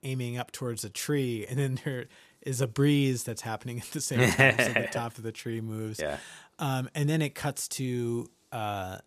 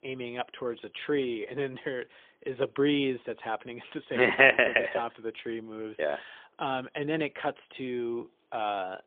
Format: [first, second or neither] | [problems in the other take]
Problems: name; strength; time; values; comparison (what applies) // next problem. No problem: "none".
first | phone-call audio; poor line